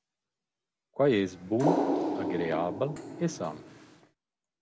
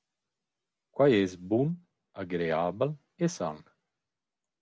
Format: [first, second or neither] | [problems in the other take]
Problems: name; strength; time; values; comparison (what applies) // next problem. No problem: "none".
second | background sound (Water); as loud as the speech